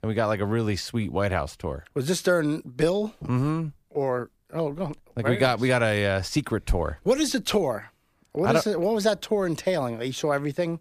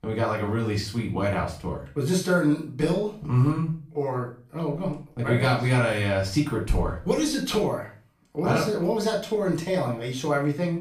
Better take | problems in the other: first | off-mic speech; far // room echo; slight; dies away in 0.4 s

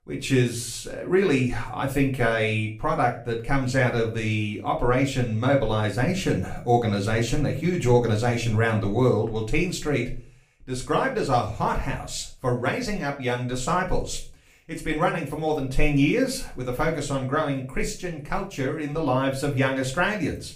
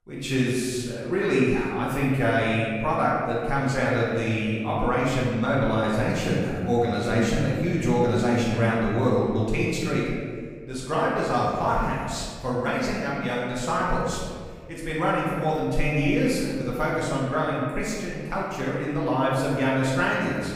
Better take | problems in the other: first | room echo; strong; dies away in 1.7 s; slight in the first // off-mic speech; far; far in the first

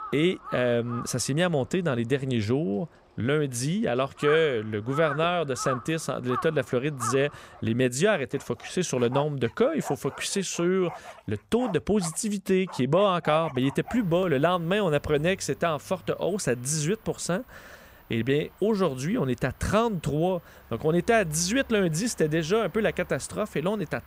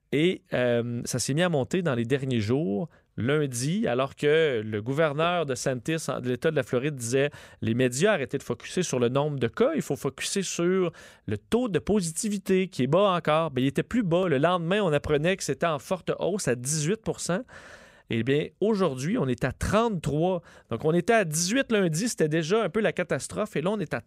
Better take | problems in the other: second | animal sounds; noticeable; throughout; 15 dB below the speech

